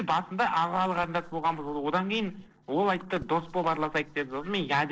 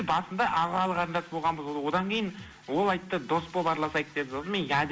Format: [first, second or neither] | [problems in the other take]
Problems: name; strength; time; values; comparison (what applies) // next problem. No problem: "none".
second | noise reduction (neural separator model SepFormer DNS4)